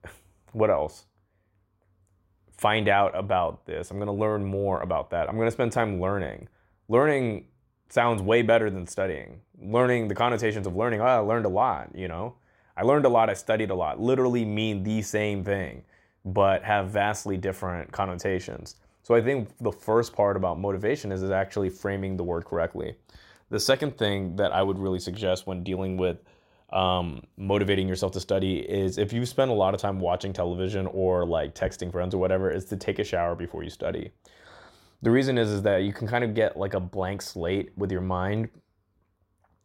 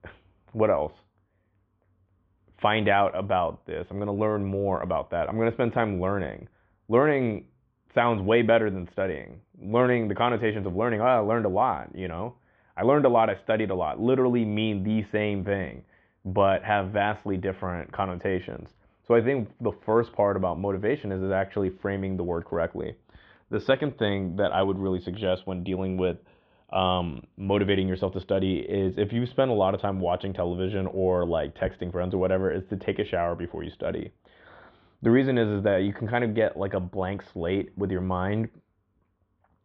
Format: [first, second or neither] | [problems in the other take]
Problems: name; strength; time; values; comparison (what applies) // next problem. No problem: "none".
first | muffled; very; fading above 3.5 kHz